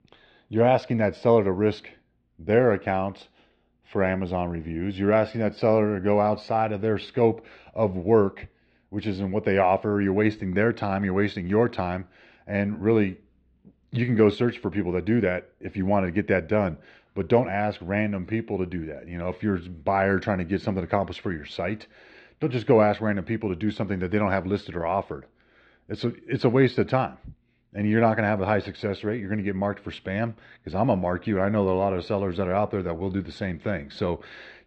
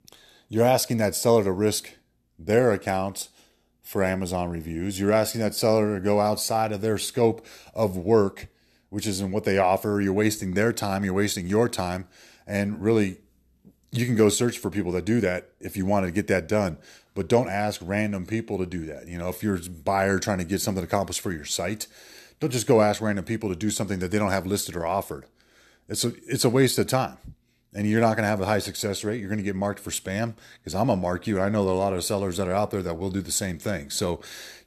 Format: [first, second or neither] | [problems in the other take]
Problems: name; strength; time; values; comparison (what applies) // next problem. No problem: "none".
second | muffled; very; fading above 3 kHz